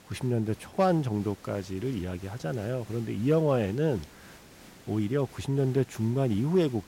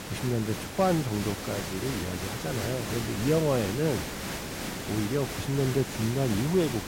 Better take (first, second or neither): first